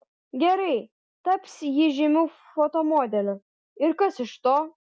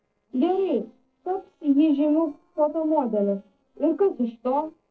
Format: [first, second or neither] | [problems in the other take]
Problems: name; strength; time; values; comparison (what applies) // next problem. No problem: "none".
first | noise reduction (neural separator model SepFormer DNS4)